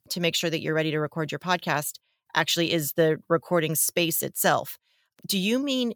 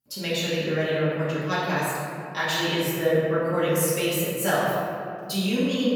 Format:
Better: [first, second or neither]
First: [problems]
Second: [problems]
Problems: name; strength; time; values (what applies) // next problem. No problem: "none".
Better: first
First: none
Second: off-mic speech; far // room echo; strong; dies away in 2.2 s